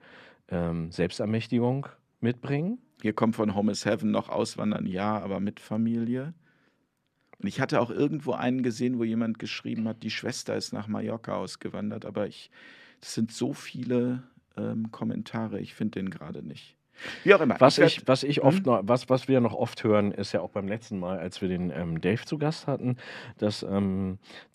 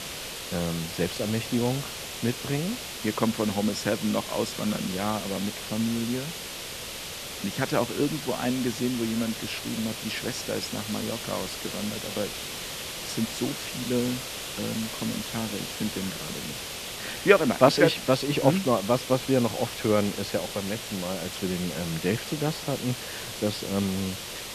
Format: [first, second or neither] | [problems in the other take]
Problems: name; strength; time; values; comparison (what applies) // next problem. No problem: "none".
first | hiss; loud; throughout; 6 dB below the speech